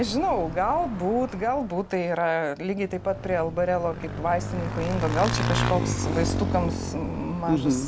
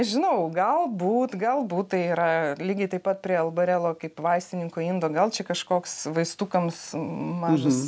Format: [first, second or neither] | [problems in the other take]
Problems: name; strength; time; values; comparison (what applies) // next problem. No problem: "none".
second | background sound (Motorcycle / Engine); 4 dB below the speech